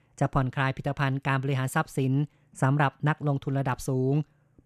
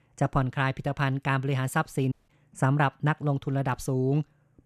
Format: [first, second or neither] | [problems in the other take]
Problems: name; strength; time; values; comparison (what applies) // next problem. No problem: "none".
first | audio cutting out; at 2 s